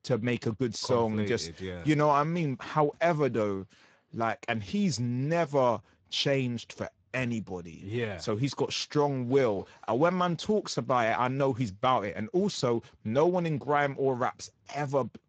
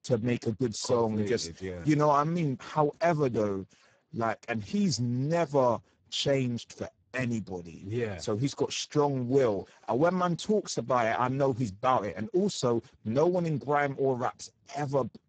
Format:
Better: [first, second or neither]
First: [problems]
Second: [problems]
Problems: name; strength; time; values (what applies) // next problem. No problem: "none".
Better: first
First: garbled, watery; slightly; nothing above 7.5 kHz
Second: garbled, watery; badly; nothing above 7.5 kHz